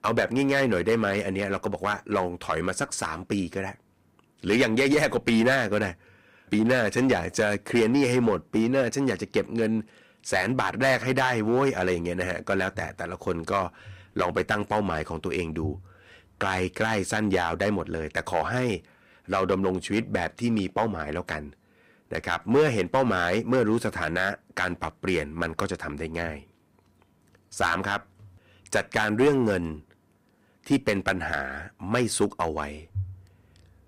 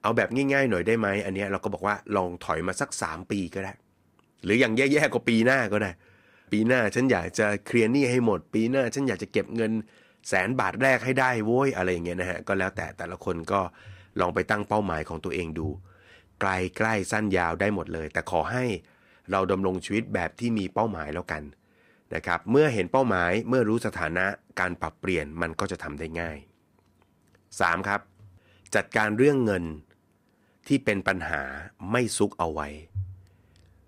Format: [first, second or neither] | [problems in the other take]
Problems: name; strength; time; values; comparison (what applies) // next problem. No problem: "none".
second | distortion; slight; 3% of the sound clipped